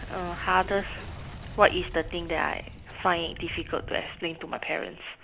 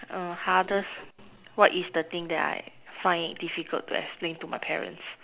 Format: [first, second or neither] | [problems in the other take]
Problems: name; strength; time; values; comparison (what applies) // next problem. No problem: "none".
second | background sound (Boom); 12 dB below the speech